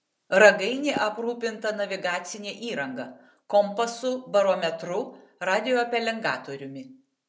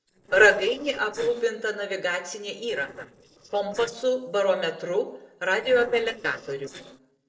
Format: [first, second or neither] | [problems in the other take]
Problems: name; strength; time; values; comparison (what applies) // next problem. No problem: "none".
first | noise reduction (neural separator model SepFormer DNS4)